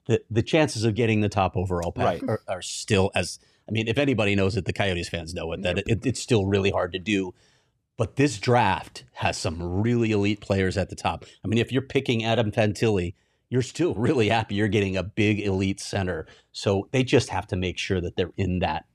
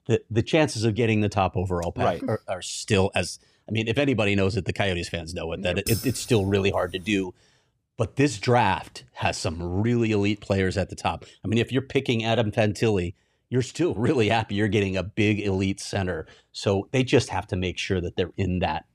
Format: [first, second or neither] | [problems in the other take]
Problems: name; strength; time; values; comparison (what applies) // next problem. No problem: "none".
first | jangling keys; noticeable; from 6 to 7 s; peak 6 dB below the speech